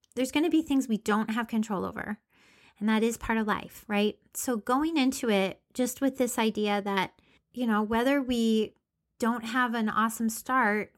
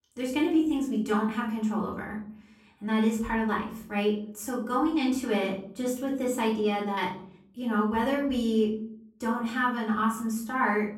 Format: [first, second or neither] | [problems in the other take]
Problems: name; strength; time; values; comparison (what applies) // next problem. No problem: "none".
first | room echo; slight; dies away in 0.5 s // off-mic speech; far